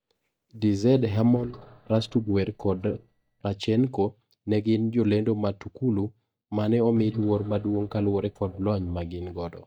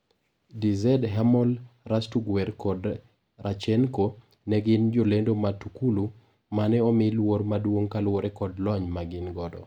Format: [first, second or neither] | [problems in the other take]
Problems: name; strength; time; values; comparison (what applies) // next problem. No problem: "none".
second | noise reduction (neural mask model DeepFilterNet 3)